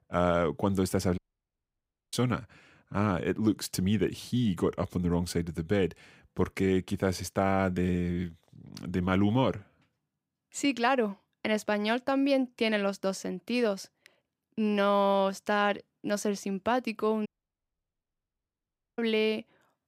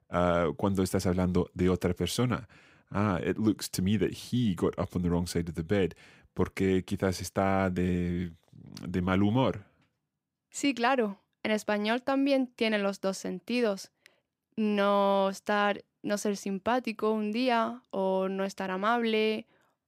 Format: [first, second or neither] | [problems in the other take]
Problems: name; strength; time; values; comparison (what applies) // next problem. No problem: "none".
second | audio cutting out; at 1 s for 1 s and at 17 s for 1.5 s